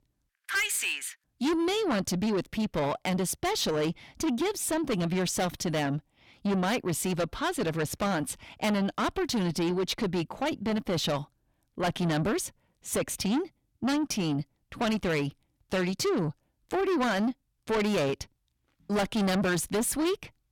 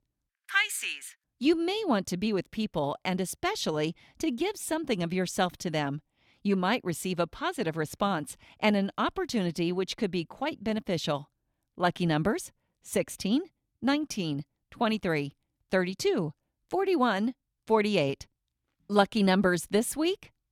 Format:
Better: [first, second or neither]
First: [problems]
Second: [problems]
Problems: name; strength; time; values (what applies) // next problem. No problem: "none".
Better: second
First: distortion; heavy; 6 dB below the speech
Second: none